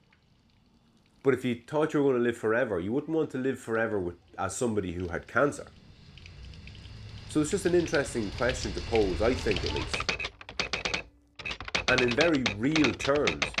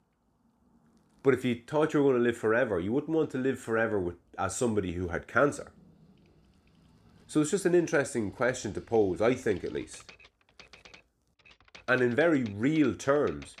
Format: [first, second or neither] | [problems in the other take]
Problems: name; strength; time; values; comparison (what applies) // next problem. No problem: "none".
second | household noises; loud; throughout; 3 dB below the speech; faint in the second